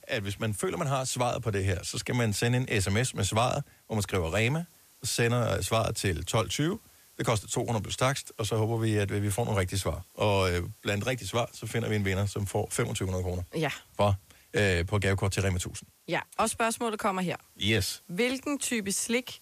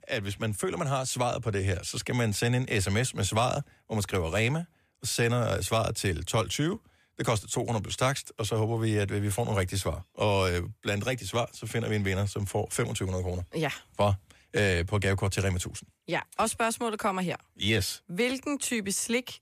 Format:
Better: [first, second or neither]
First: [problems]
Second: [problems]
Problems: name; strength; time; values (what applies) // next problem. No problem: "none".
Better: second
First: hiss; faint; throughout; 30 dB below the speech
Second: none